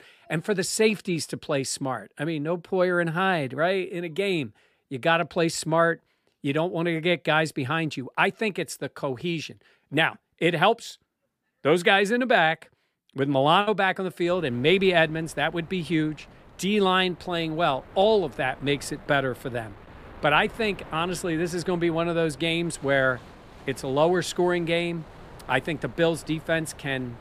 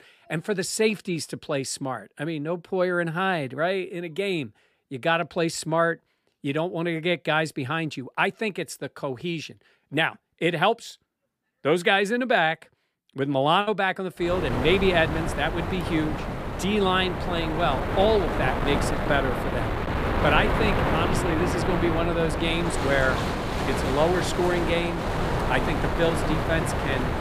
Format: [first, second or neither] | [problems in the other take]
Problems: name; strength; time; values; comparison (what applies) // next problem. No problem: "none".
first | wind noise on the microphone; heavy; from 14 s on; 3 dB below the speech; occasional gusts in the first